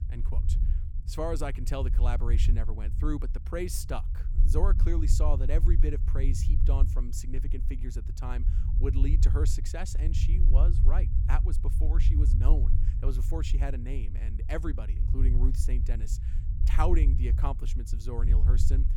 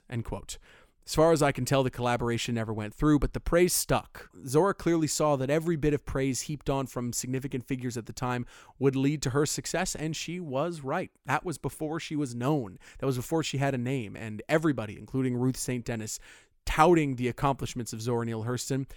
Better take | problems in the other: second | low rumble; loud; throughout; 8 dB below the speech

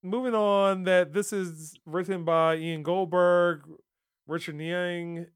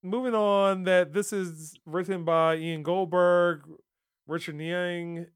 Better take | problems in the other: neither | none

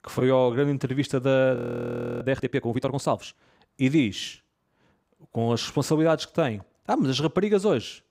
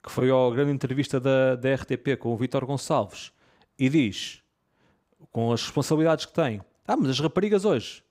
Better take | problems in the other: second | audio freezing; at 1.5 s for 0.5 s

